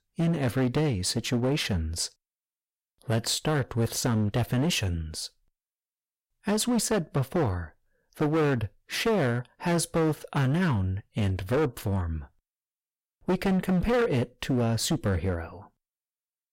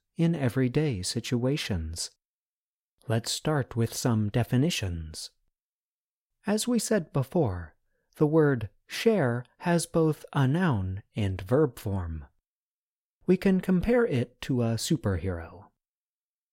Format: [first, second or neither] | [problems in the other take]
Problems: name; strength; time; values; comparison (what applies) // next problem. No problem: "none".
second | distortion; heavy; 12% of the sound clipped